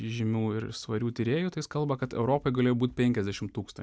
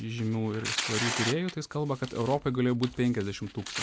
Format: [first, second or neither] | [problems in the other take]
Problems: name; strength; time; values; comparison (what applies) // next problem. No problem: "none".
first | background sound (Tearing); 7 dB below the speech